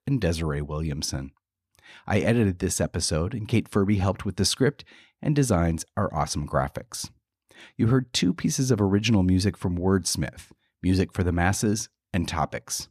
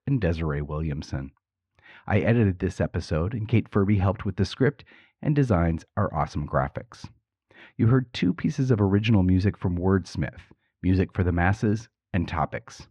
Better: first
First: none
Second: muffled; slightly; fading above 2 kHz

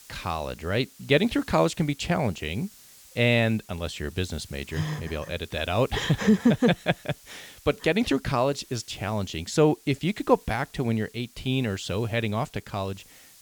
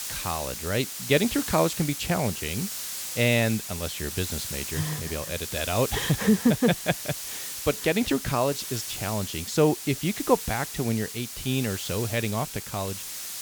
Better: first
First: hiss; faint; throughout; 25 dB below the speech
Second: hiss; loud; throughout; 6 dB below the speech

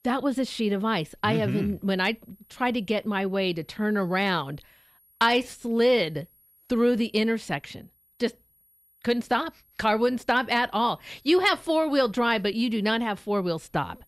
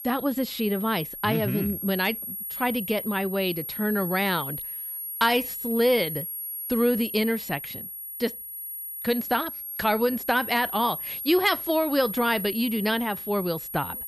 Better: first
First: high-pitched whine; faint; throughout; 11.5 kHz, 35 dB below the speech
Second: high-pitched whine; loud; throughout; 11.5 kHz, 7 dB below the speech

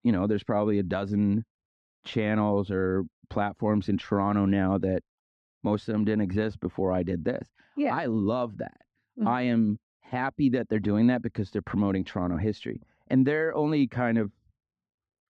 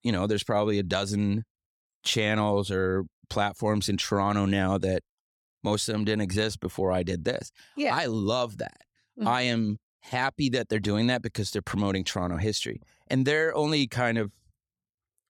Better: second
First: muffled; very; fading above 2 kHz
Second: none

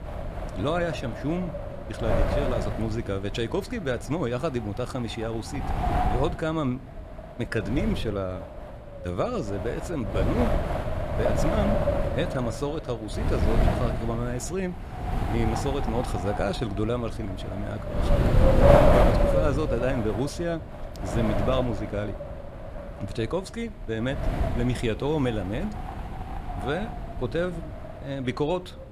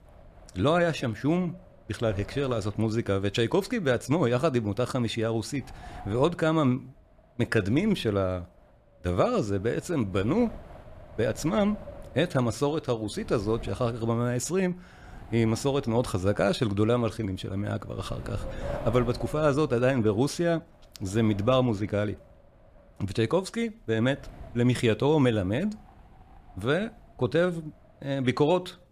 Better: second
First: wind noise on the microphone; heavy; 2 dB above the speech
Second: wind noise on the microphone; occasional gusts; 20 dB below the speech

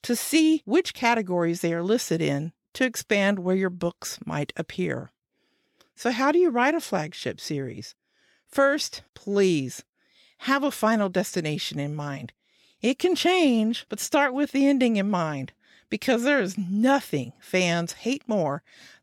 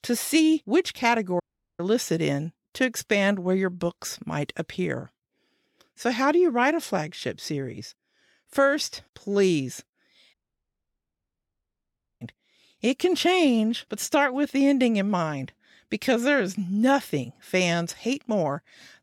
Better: first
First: none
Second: audio cutting out; at 1.5 s and at 10 s for 2 s

